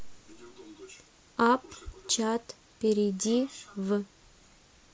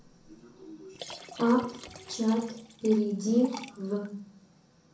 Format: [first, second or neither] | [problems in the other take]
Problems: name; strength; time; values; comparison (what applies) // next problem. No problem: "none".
first | background sound (Liquid); 17 dB below the speech // room echo; dies away in 0.5 s